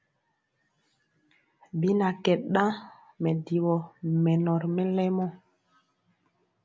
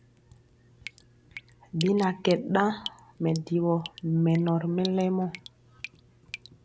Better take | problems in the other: first | background sound (Drip); 17 dB below the speech

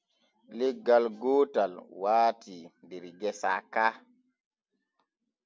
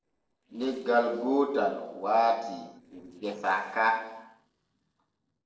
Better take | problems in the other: first | noise reduction (neural separator model SepFormer DNS4)

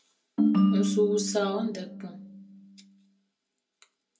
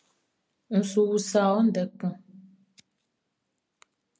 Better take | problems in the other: second | background sound (Ringtone); 4 dB above the speech // room echo; dies away in 0.2 s

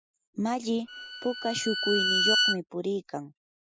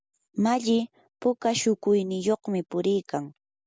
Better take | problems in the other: second | noise reduction (classical method Wiener filter)

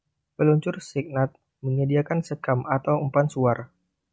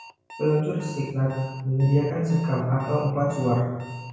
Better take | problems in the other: first | background sound (Alarm); 19 dB below the speech // room echo; dies away in 1 s

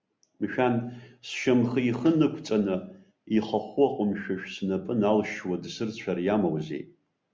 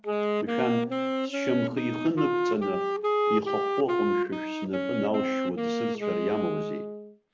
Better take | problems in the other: first | background sound (Wind instrument, woodwind instrument); 3 dB above the speech

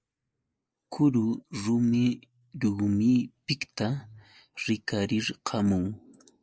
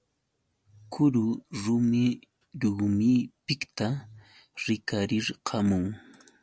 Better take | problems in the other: second | noise reduction (neural mask model Resemble Enhance denoiser)

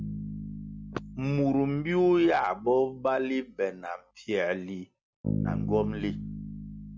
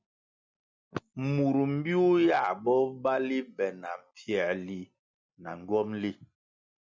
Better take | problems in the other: second | background sound (Bass guitar); 8 dB below the speech

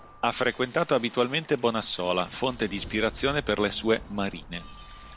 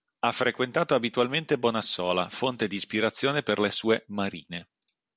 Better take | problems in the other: second | background sound (Liquid + Sliding door); 17 dB below the speech

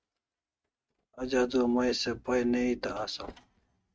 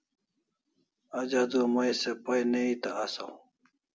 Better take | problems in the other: second | noise reduction (neural mask model RNNoise)

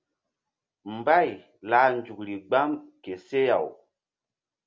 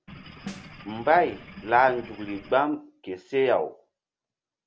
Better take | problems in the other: first | background sound (Snare drum + Engine / Boat, Water vehicle); 16 dB below the speech

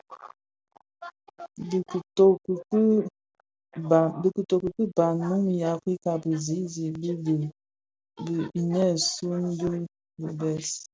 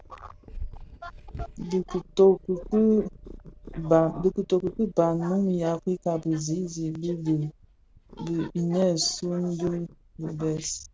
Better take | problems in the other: first | background sound (Purr); 18 dB below the speech

